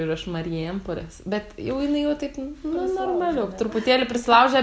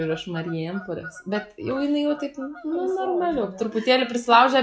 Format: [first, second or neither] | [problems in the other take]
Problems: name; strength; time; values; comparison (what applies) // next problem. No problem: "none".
first | noise reduction (classical method log-MMSE)